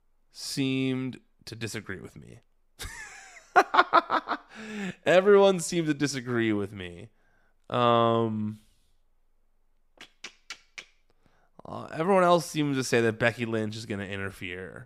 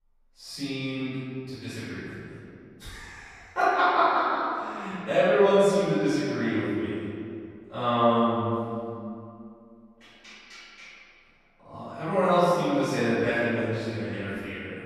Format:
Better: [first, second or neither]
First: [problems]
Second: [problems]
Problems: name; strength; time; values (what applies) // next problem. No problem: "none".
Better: first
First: none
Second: off-mic speech; far // room echo; strong; dies away in 2.3 s